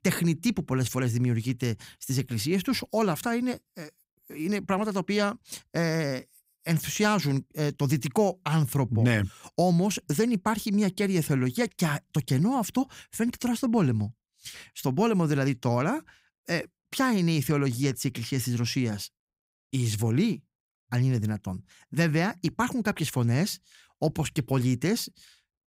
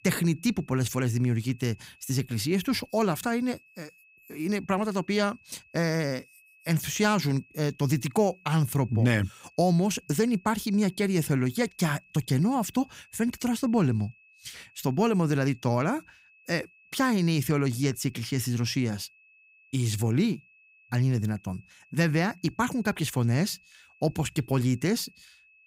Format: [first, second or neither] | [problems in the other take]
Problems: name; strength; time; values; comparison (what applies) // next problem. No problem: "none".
first | high-pitched whine; faint; throughout; 2.5 kHz, 30 dB below the speech